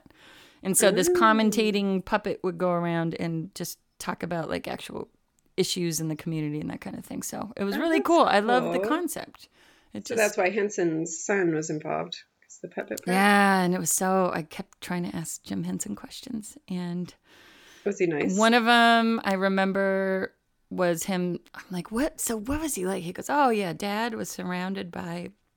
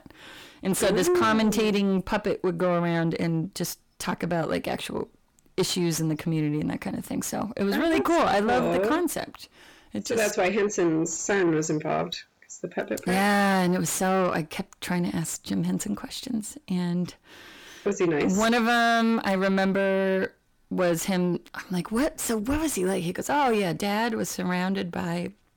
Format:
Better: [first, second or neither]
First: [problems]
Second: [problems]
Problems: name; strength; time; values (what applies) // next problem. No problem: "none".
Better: first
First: none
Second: distortion; heavy; 7 dB below the speech